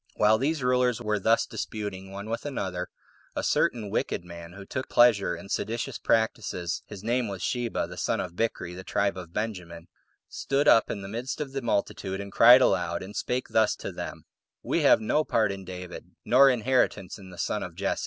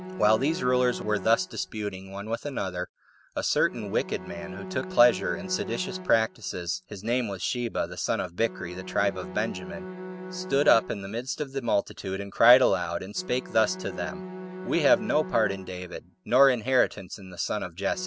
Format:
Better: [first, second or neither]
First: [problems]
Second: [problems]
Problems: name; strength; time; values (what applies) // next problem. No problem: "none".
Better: first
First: none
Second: background sound (Bowed string instrument); 14 dB below the speech